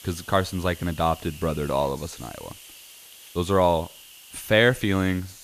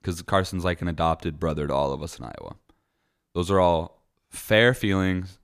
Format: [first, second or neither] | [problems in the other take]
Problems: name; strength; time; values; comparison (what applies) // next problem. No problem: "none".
second | hiss; noticeable; throughout; 20 dB below the speech